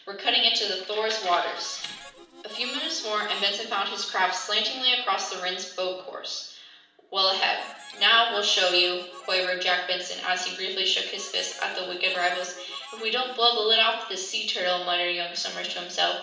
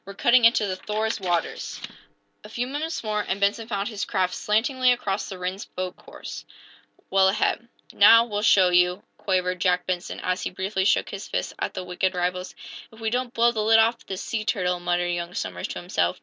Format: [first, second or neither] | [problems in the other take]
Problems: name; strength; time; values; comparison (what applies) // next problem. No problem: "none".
second | background sound (Harmonica); 20 dB below the speech // room echo; dies away in 0.7 s